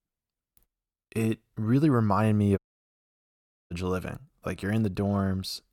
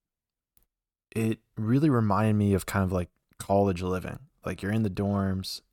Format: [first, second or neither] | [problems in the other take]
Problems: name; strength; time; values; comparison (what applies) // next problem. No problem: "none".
second | audio cutting out; at 2.5 s for 1 s